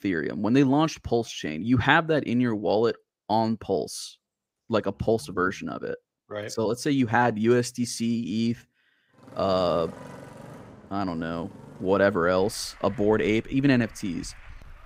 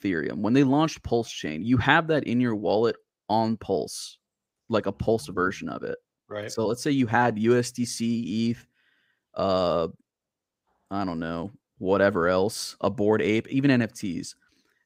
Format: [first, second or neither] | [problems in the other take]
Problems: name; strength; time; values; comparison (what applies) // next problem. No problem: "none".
second | traffic noise; faint; from 9.5 s on; 20 dB below the speech